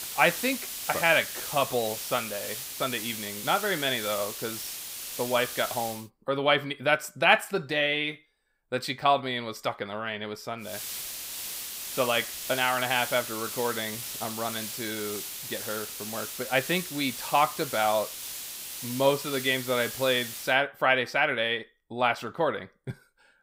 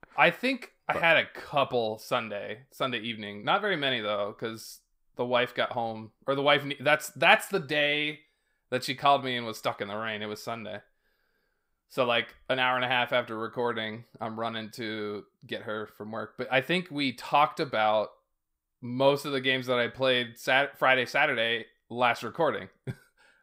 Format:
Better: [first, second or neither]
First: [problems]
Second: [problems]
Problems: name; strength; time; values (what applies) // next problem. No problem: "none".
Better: second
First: hiss; loud; until 6 s and from 11 to 20 s; 7 dB below the speech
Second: none